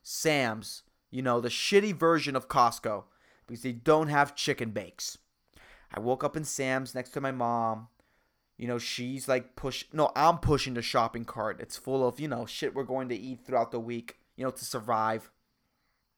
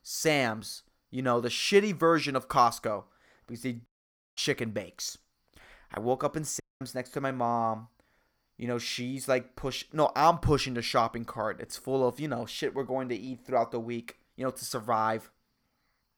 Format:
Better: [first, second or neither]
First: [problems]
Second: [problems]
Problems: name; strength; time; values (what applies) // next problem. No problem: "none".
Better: first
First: none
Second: audio cutting out; at 4 s for 0.5 s and at 6.5 s